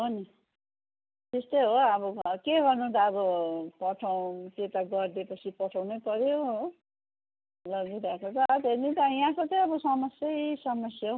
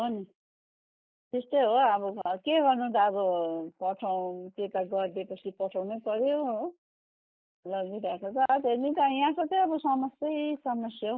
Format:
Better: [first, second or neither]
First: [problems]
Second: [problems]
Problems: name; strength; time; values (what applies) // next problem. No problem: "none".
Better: first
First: none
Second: noise reduction (neural mask model Resemble Enhance denoiser)